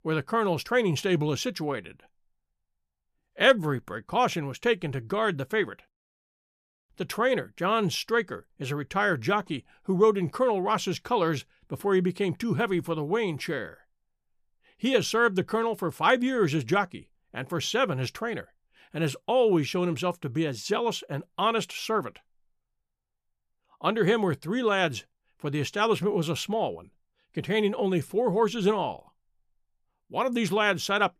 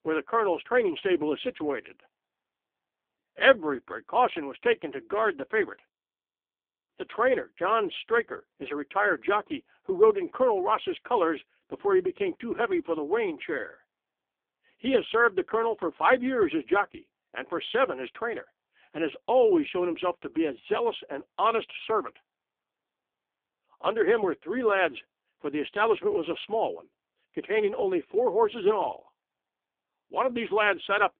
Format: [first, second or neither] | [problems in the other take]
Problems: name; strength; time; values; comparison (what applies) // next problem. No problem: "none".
first | phone-call audio; poor line; nothing above 3.5 kHz